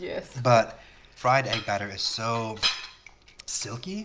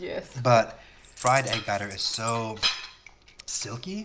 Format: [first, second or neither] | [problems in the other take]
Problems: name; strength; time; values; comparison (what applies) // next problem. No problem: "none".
first | background sound (Coin (dropping)); 13 dB below the speech